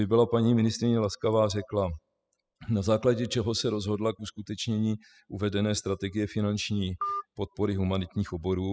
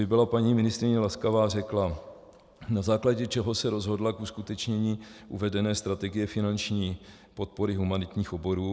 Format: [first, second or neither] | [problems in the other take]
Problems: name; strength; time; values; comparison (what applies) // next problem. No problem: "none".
second | noise reduction (classical method spectral subtraction)